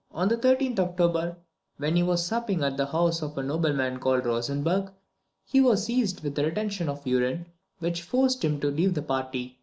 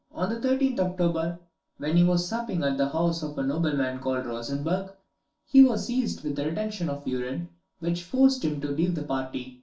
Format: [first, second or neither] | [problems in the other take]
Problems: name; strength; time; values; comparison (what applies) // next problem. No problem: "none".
first | room echo; dies away in 0.3 s